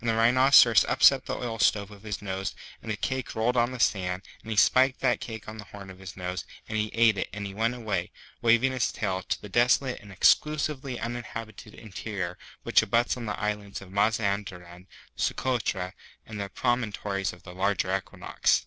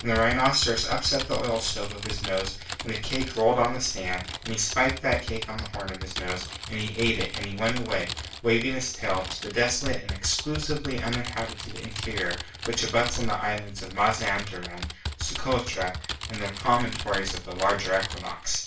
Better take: first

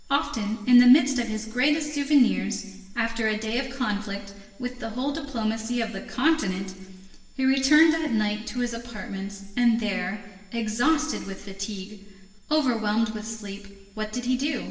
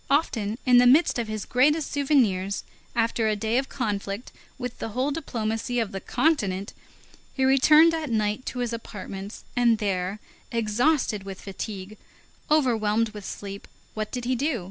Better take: second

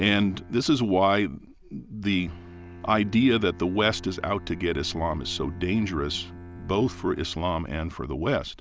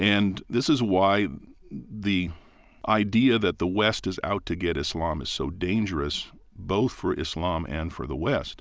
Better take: second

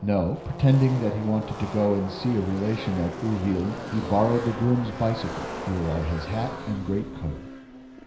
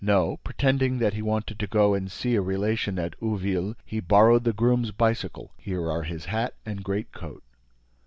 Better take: second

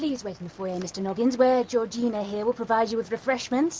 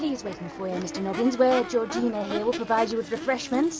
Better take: first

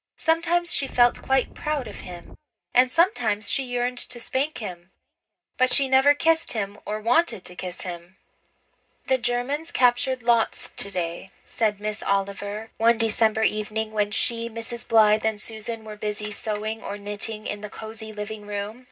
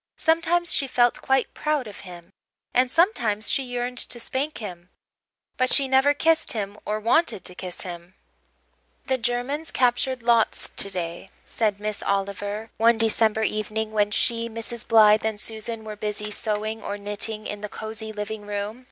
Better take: second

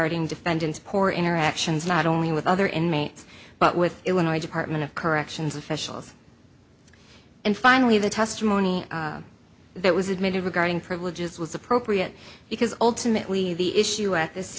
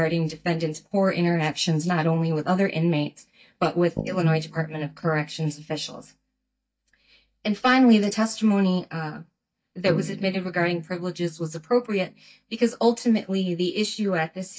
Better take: first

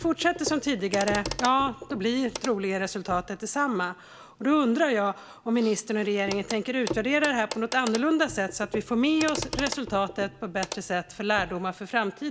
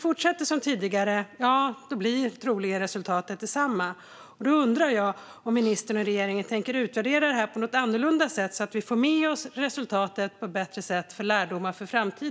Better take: second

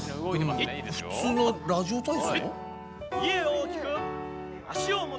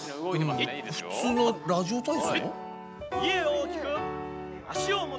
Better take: second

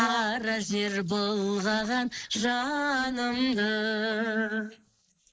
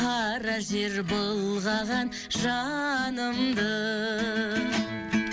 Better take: second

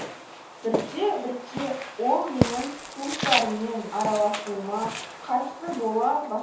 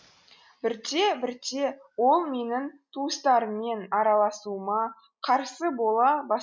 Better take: second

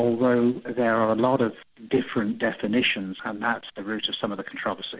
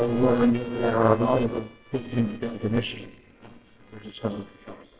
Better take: first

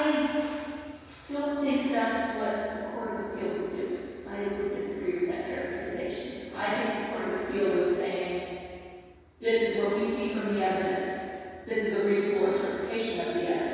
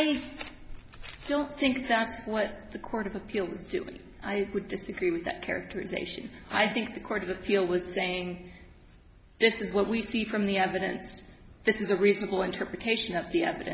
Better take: second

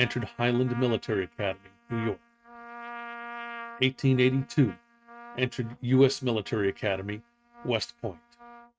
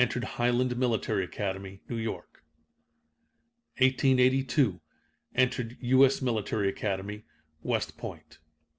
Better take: second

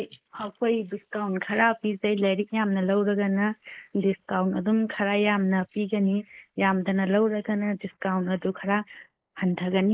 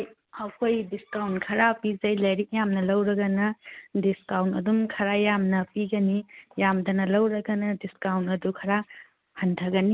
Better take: second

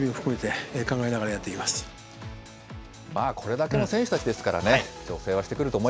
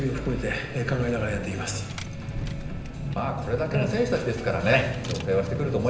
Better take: first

